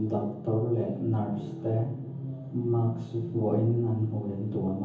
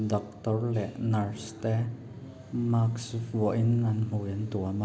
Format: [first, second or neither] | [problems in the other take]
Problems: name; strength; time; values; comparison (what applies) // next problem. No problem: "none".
second | room echo; dies away in 0.7 s